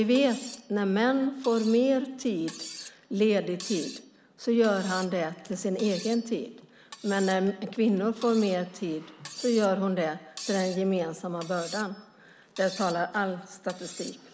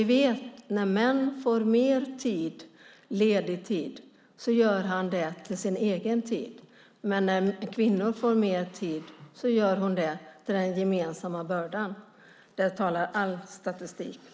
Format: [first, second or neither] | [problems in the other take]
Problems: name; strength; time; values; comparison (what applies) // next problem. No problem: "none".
second | background sound (Cutlery, silverware); 17 dB below the speech